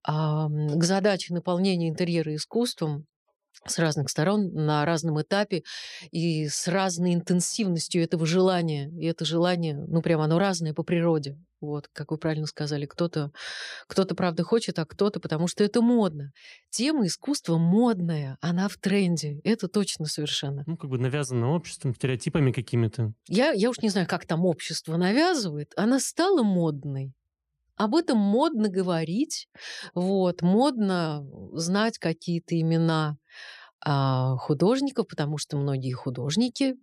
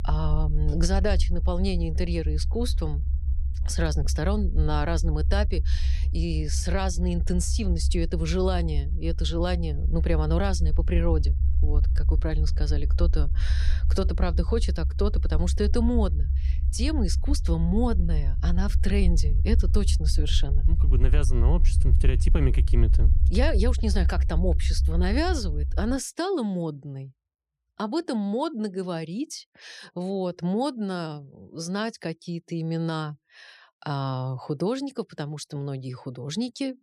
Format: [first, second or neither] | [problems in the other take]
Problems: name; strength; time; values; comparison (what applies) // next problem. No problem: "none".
first | low rumble; noticeable; until 26 s; 15 dB below the speech